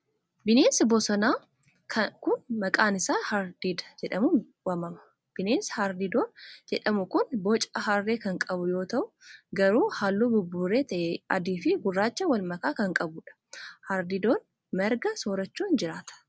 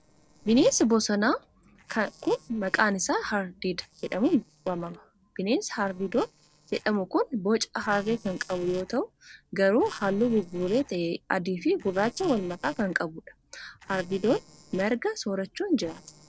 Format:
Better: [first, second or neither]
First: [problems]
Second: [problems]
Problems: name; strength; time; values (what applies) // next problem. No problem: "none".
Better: first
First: none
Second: noise reduction (neural separator model SepFormer DNS4)